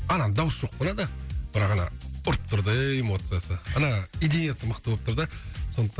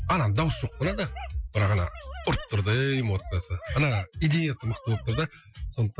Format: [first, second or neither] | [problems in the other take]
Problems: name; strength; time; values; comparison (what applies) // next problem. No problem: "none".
first | noise reduction (classical method Wiener filter)